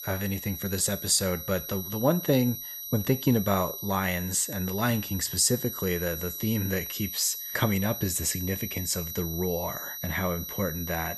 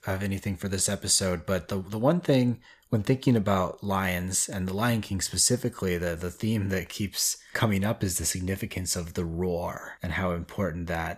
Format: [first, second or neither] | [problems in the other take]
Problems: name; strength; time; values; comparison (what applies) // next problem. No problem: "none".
second | high-pitched whine; loud; throughout; 12 kHz, 7 dB below the speech